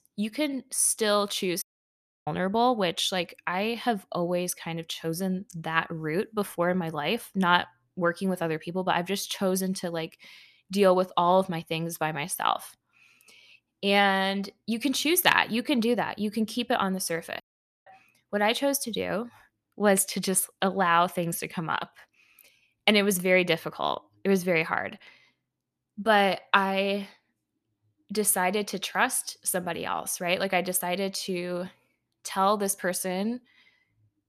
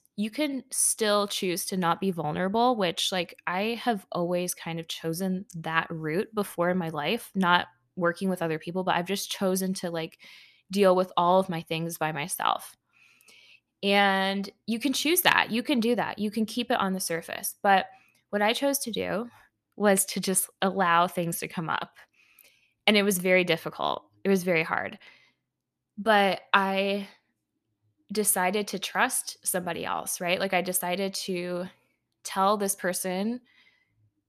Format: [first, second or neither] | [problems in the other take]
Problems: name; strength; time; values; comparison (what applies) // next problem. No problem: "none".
second | audio cutting out; at 1.5 s for 0.5 s and at 17 s